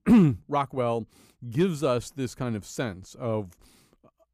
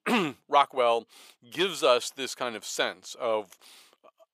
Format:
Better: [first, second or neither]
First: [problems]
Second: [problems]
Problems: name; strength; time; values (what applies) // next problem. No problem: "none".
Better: first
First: none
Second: thin; very; fading below 650 Hz